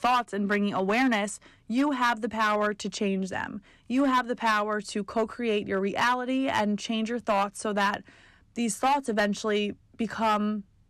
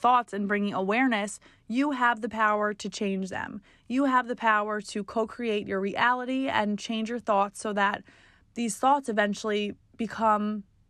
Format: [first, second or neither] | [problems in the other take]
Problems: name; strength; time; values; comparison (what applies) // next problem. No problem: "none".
second | distortion; slight; 5% of the sound clipped